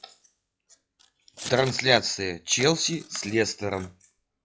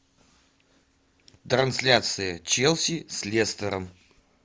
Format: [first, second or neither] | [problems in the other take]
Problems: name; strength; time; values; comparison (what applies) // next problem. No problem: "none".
second | noise reduction (classical method log-MMSE)